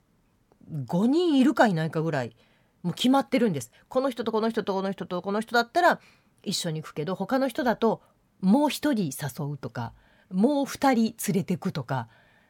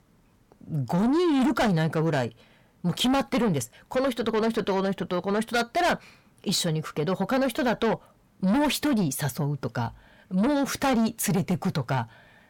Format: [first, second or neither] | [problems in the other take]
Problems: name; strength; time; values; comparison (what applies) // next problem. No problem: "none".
first | distortion; heavy; 7 dB below the speech